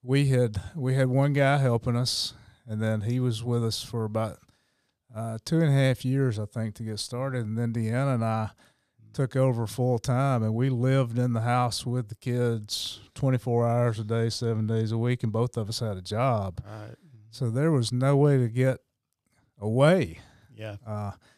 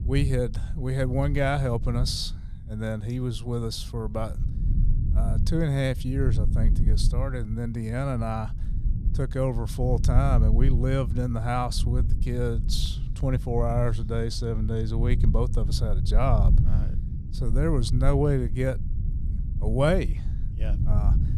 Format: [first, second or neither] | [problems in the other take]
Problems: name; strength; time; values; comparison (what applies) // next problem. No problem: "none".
first | low rumble; noticeable; throughout; 15 dB below the speech